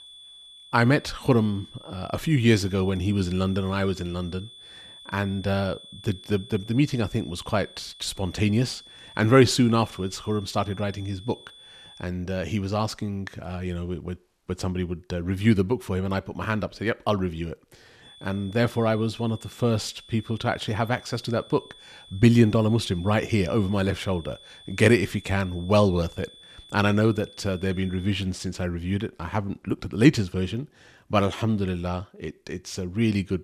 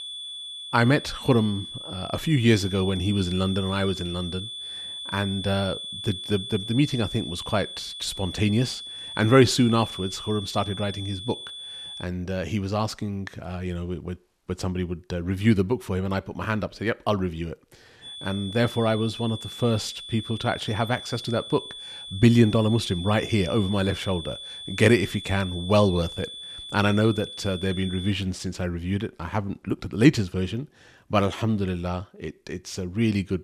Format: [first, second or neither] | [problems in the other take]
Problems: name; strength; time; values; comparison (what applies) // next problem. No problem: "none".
first | high-pitched whine; loud; until 12 s and from 18 to 28 s; 3.5 kHz, 10 dB below the speech; faint in the first